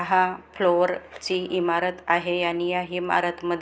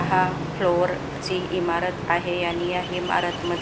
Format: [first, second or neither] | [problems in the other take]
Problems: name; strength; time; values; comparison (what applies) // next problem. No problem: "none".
first | background sound (Acoustic guitar / Strum + Ocean); 6 dB below the speech